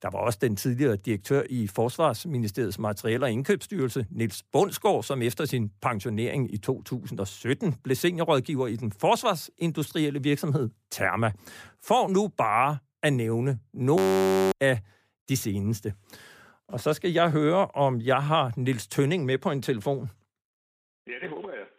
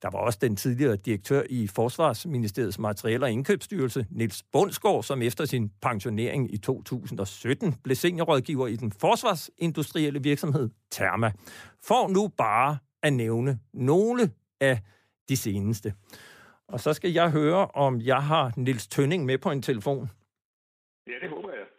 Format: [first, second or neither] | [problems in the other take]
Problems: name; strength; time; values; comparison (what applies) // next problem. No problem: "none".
second | audio freezing; at 14 s for 0.5 s